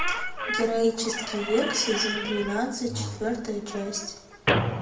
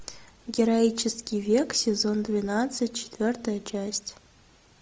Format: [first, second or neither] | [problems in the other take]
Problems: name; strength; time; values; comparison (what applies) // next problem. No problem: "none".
second | background sound (Squeak / Slam); 3 dB below the speech // room echo; dies away in 0.6 s